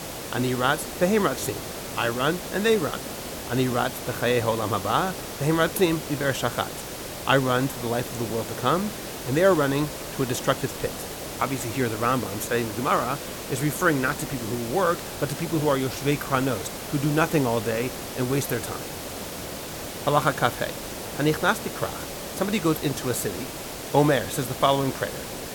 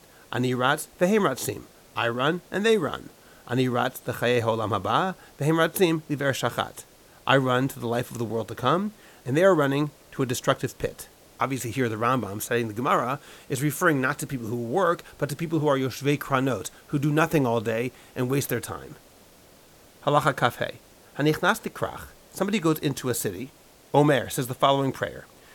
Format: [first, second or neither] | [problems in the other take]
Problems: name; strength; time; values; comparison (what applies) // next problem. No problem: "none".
second | hiss; loud; throughout; 8 dB below the speech; faint in the second